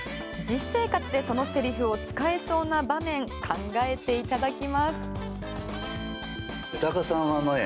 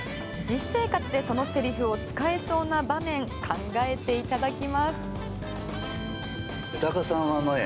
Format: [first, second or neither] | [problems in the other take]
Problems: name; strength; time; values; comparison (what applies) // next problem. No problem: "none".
first | background sound (Cricket); 11 dB below the speech